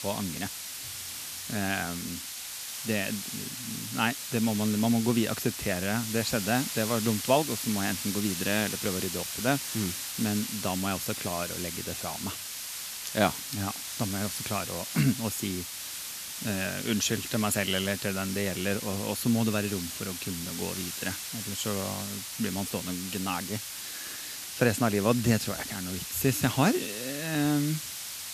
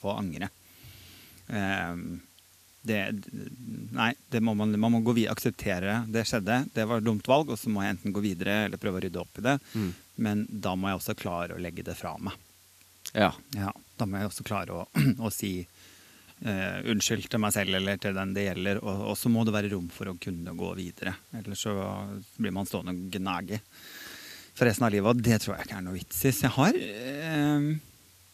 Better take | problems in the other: second | hiss; loud; throughout; 4 dB below the speech; faint in the second

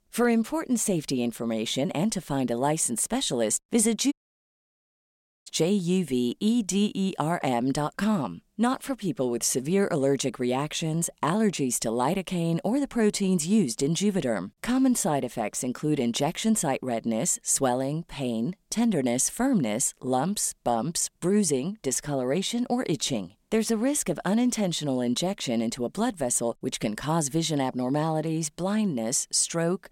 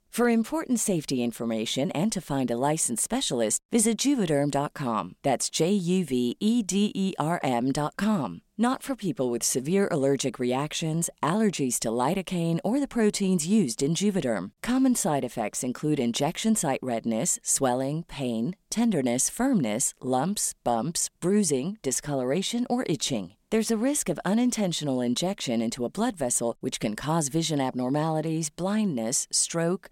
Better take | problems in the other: second | audio cutting out; at 4 s for 1.5 s

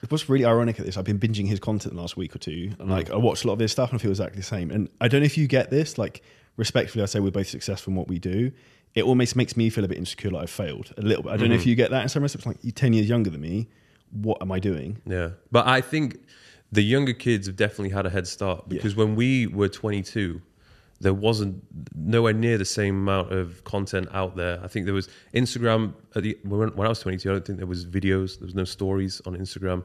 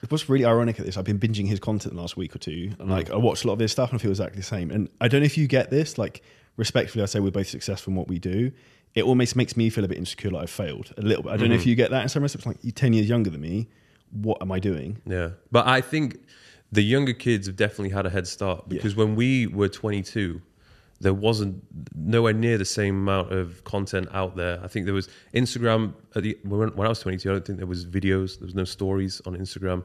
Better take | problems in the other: neither | none

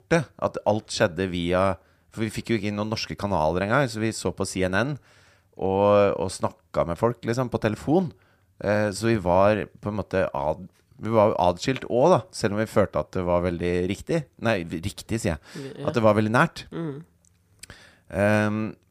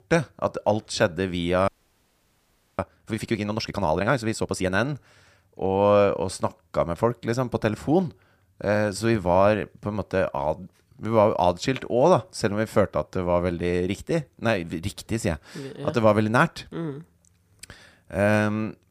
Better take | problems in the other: first | audio freezing; at 1.5 s for 1 s

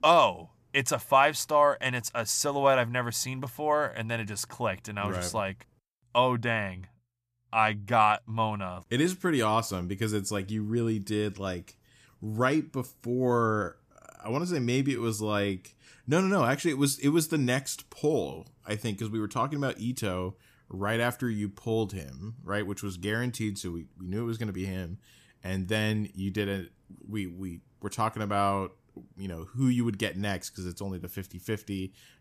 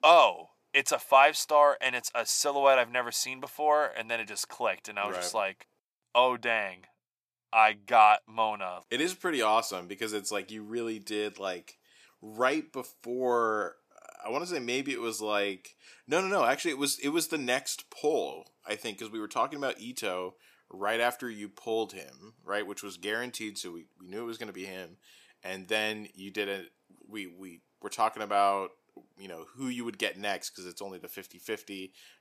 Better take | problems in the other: first | thin; somewhat; fading below 450 Hz

